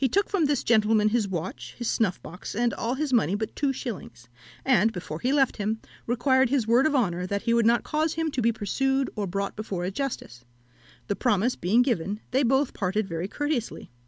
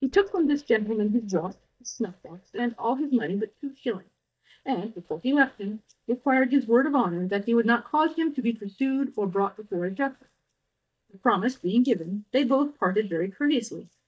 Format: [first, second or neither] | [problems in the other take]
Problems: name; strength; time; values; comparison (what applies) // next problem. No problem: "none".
first | noise reduction (neural mask model DeepFilterNet 3)